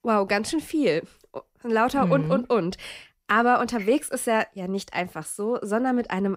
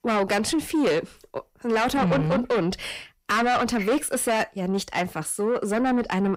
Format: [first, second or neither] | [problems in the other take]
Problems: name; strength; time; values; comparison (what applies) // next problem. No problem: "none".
first | distortion; heavy; 7 dB below the speech